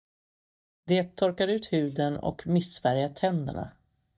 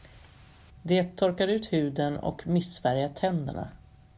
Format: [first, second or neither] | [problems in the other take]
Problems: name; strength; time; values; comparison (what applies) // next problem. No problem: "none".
second | noise reduction (neural mask model DeepFilterNet 3)